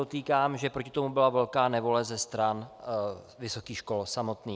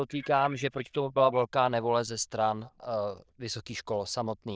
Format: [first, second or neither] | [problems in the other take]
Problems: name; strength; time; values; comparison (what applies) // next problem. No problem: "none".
first | noise reduction (neural diffusion model UNIVERSE++)